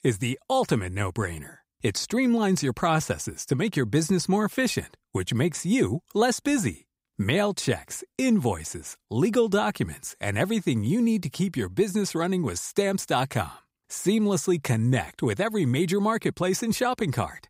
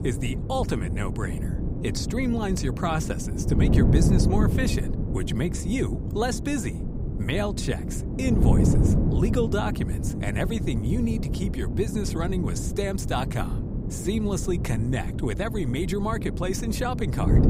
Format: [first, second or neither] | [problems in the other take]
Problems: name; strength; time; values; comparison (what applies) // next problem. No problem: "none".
first | wind noise on the microphone; heavy; 5 dB below the speech